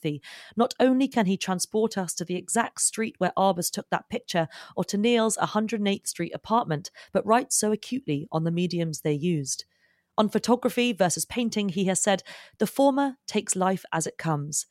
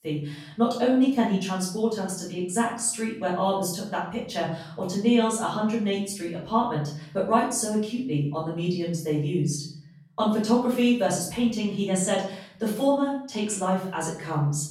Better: first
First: none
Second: off-mic speech; far // room echo; noticeable; dies away in 0.6 s

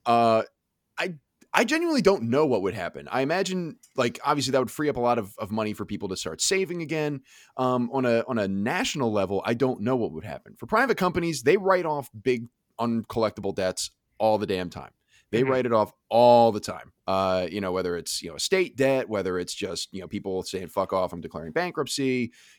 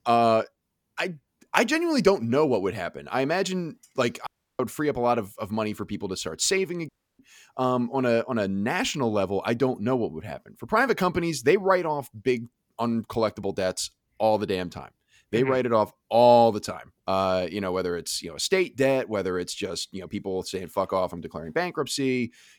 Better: first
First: none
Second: audio cutting out; at 4.5 s and at 7 s

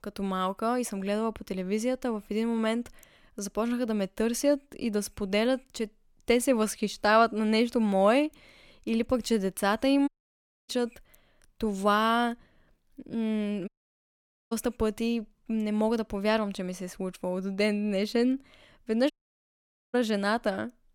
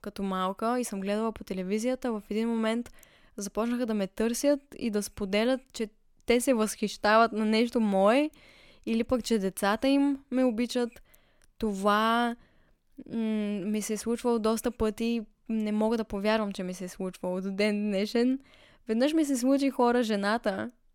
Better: second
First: audio cutting out; at 10 s for 0.5 s, at 14 s for 1 s and at 19 s for 1 s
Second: none

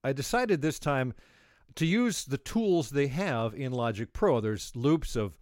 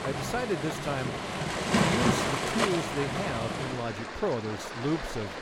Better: first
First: none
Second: rain or running water; very loud; throughout; 2 dB above the speech

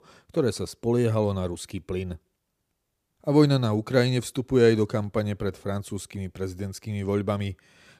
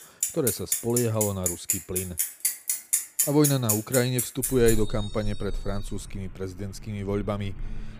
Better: first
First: none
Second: traffic noise; very loud; throughout; 1 dB above the speech

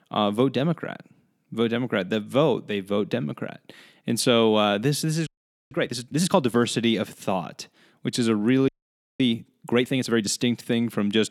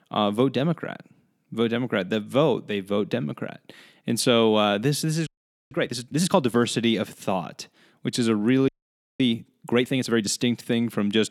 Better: neither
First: audio freezing; at 5.5 s and at 8.5 s for 0.5 s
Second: audio freezing; at 5.5 s and at 8.5 s for 0.5 s

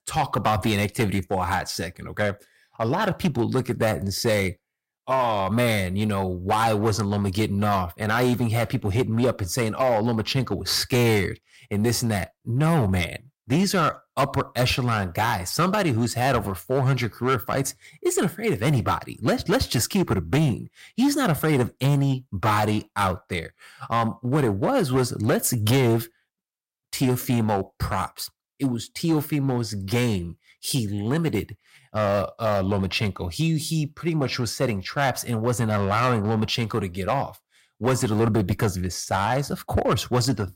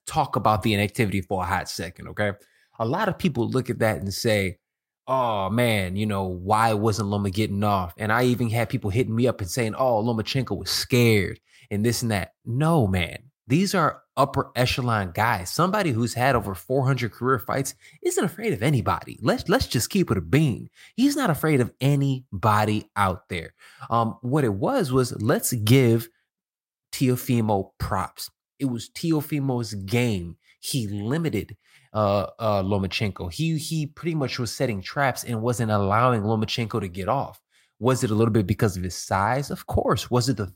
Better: second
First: distortion; slight; 7% of the sound clipped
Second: none

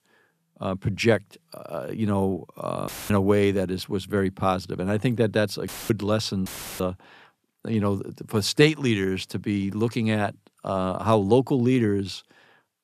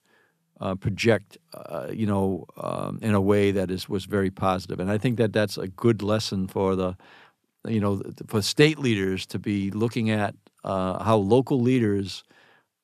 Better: second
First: audio cutting out; filled with static; at 3 s, at 5.5 s and at 6.5 s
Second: none

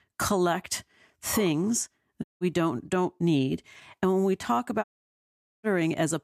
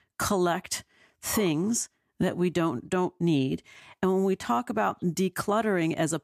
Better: second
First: audio cutting out; at 2 s and at 5 s for 1 s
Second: none

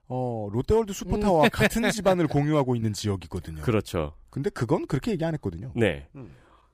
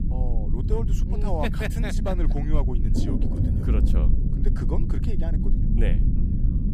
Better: first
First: none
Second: low rumble; loud; throughout; 3 dB below the speech

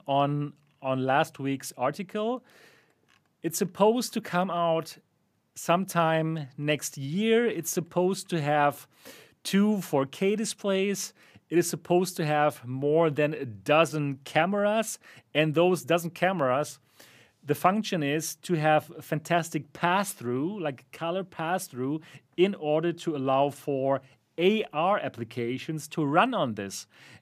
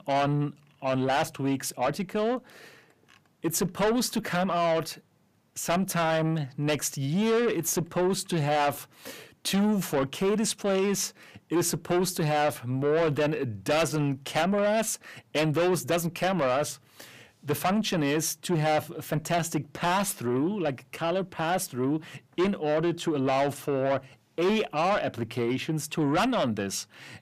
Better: first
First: none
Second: distortion; heavy; 7 dB below the speech

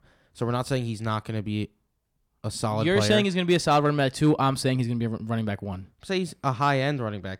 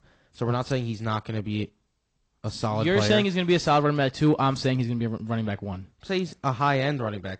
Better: first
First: none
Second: garbled, watery; slightly; nothing above 8 kHz

